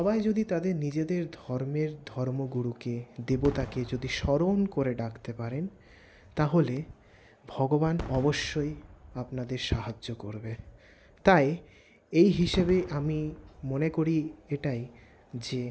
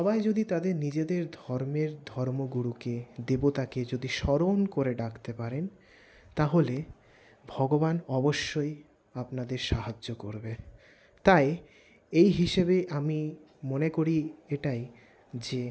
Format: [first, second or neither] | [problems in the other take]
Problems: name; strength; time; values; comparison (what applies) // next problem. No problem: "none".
second | background sound (Fireworks); 18 dB below the speech